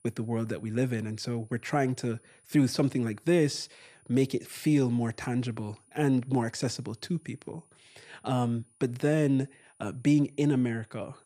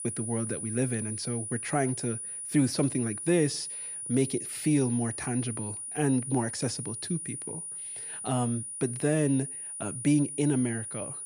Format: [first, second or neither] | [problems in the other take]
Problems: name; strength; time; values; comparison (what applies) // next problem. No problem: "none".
first | high-pitched whine; loud; throughout; 9.5 kHz, 5 dB below the speech; faint in the first